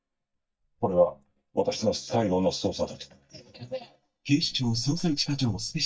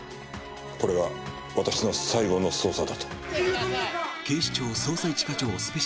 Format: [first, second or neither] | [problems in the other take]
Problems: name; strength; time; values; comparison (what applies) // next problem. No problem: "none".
second | noise reduction (neural mask model DeepFilterNet 3)